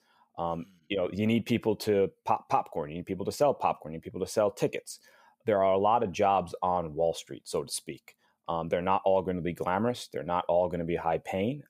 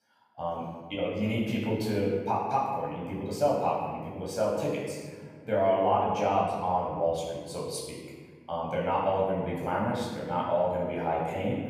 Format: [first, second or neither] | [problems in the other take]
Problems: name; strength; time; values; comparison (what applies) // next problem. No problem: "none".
first | off-mic speech; far // room echo; noticeable; dies away in 1.6 s